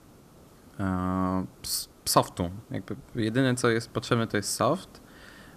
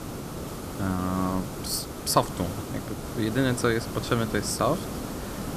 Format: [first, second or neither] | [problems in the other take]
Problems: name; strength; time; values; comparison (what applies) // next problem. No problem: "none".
first | hiss; loud; throughout; 7 dB below the speech; faint in the first